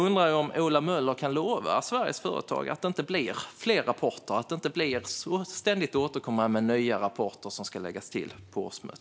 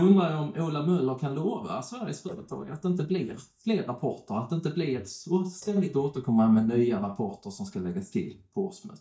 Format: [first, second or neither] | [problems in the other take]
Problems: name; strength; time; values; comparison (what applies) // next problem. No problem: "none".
first | noise reduction (neural mask model DeepFilterNet 3)